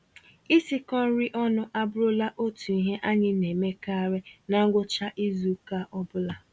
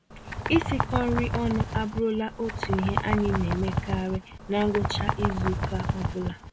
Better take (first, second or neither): first